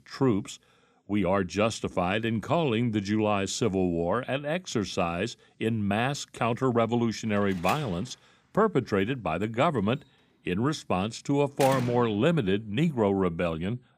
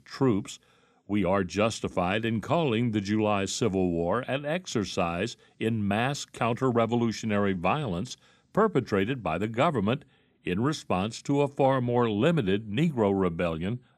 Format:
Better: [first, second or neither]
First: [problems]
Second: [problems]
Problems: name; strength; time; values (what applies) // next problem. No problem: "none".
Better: second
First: door banging; noticeable; from 7.5 to 12 s; peak 7 dB below the speech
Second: none